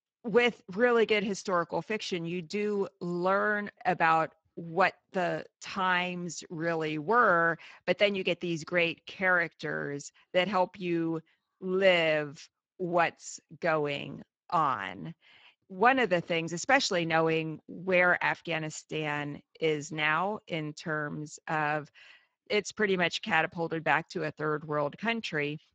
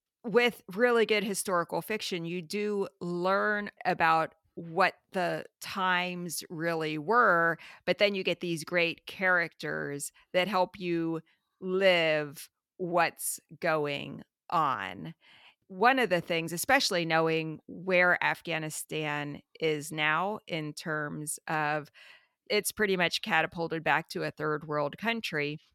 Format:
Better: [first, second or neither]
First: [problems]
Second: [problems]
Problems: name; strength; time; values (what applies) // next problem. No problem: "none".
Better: second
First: garbled, watery; badly; nothing above 7.5 kHz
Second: none